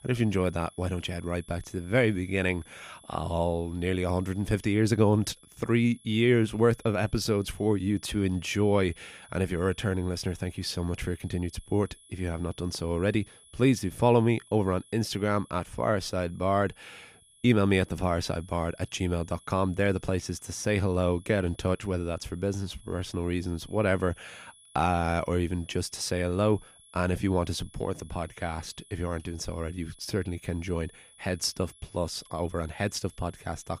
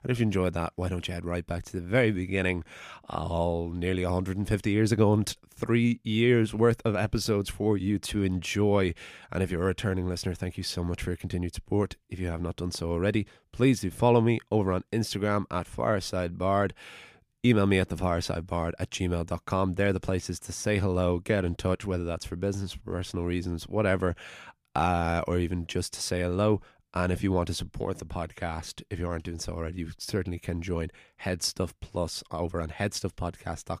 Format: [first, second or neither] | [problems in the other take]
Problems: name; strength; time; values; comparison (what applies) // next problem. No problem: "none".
second | high-pitched whine; faint; throughout; 10.5 kHz, 25 dB below the speech